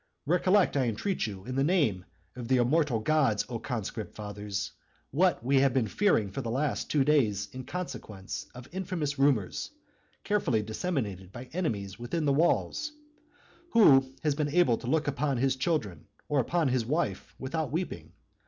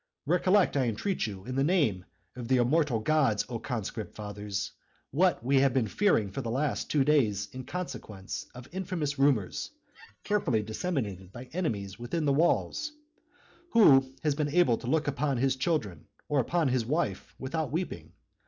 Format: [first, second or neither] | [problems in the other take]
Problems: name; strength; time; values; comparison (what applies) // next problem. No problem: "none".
first | noise reduction (neural mask model DeepFilterNet 3)